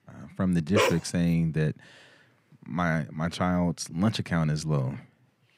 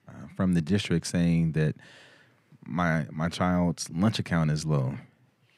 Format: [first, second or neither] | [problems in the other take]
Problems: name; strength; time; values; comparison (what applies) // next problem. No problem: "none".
second | dog barking; loud; at 1 s; peak 2 dB above the speech